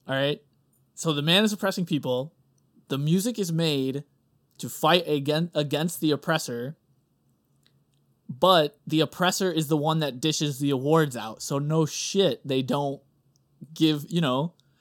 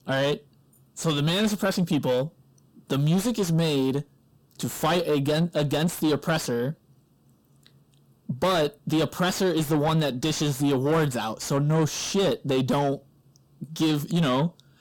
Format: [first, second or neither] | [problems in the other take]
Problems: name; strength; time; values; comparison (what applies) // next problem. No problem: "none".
first | distortion; heavy; 6 dB below the speech